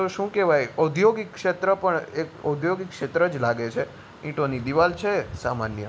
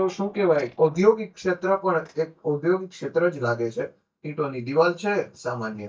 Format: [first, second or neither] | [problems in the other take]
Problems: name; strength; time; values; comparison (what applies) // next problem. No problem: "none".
first | noise reduction (neural mask model DeepFilterNet 3)